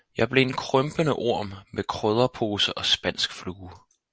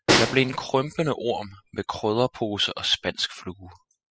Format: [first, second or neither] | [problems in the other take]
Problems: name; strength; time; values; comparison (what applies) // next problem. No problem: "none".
first | noise reduction (classical method spectral subtraction)